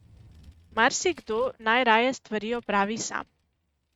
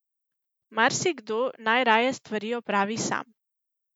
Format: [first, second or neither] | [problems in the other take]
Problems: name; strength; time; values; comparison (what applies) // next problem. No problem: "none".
second | noise reduction (neural mask model RNNoise)